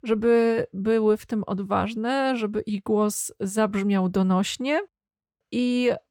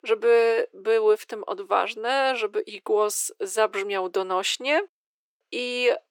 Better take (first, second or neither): first